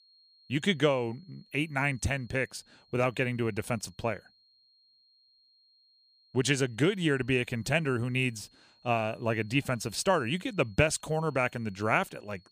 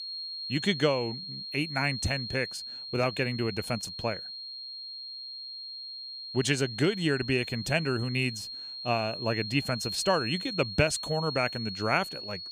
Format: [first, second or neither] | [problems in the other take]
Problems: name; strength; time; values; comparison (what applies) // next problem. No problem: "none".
first | high-pitched whine; loud; throughout; 4 kHz, 7 dB below the speech; faint in the first